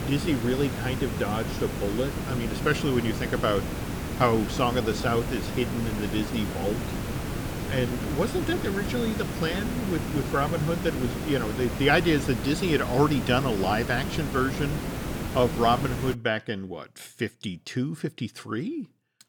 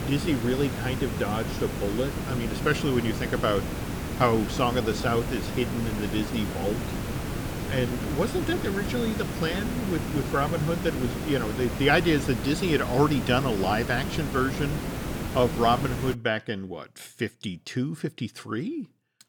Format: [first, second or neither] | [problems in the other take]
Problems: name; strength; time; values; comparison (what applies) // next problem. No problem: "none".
neither | hiss; loud; until 16 s; 4 dB below the speech; the same in both